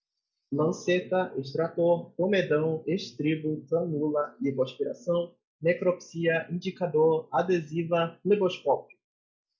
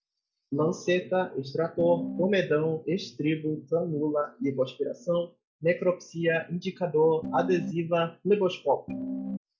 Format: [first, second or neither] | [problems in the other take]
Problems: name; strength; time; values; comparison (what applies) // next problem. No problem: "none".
first | background sound (Piano); 5 dB below the speech